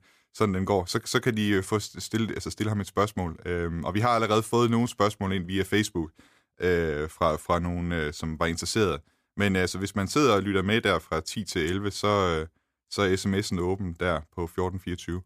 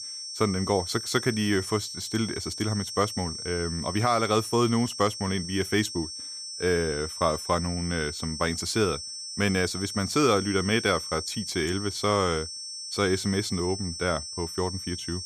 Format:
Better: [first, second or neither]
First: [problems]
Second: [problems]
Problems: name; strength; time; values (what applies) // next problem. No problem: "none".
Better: first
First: none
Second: high-pitched whine; loud; throughout; 5.5 kHz, 7 dB below the speech